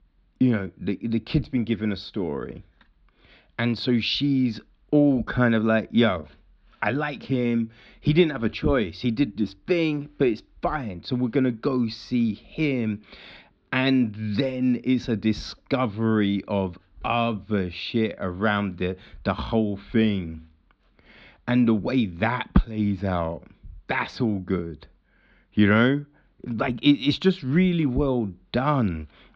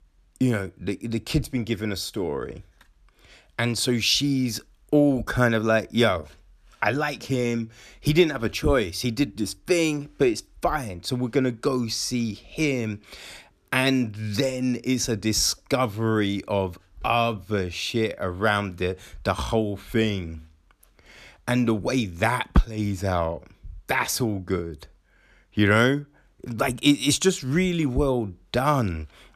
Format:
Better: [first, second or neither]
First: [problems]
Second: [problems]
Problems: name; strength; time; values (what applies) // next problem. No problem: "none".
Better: second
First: muffled; slightly; fading above 4 kHz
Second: none